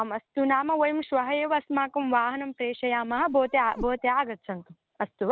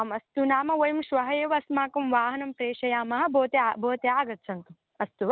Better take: second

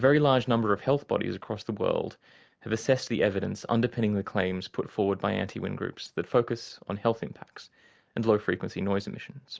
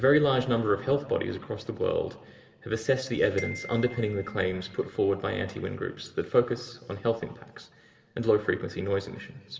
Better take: first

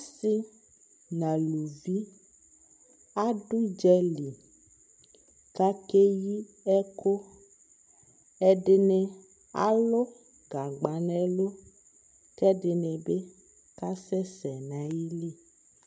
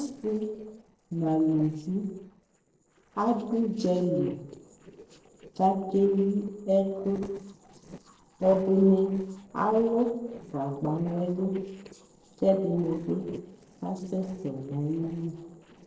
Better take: first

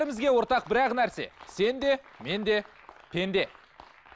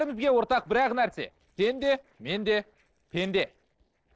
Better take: first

